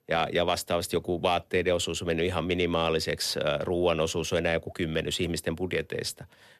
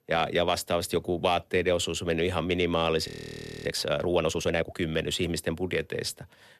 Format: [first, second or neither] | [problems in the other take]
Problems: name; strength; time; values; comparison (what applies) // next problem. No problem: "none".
first | audio freezing; at 3 s for 0.5 s